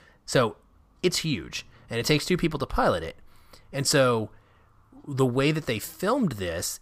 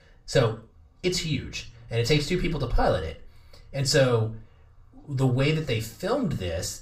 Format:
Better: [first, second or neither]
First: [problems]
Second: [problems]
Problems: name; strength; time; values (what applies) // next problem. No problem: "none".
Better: first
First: none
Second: room echo; very slight; dies away in 0.3 s // off-mic speech; far